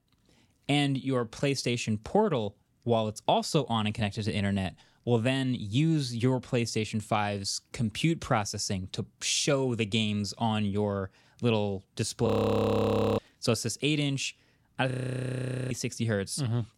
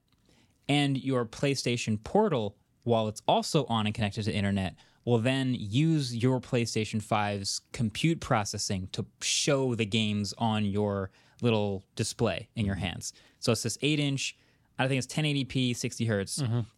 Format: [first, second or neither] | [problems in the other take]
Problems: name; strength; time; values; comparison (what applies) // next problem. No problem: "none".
second | audio freezing; at 12 s for 1 s and at 15 s for 1 s